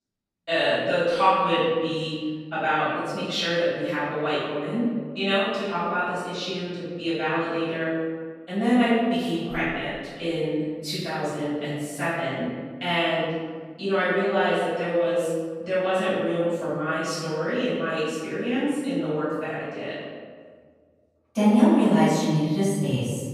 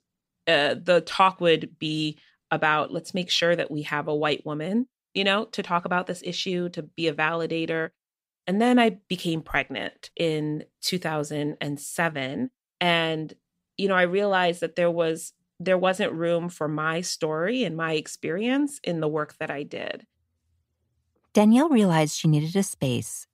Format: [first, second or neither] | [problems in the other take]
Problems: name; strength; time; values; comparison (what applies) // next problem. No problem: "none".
second | room echo; strong; dies away in 1.5 s // off-mic speech; far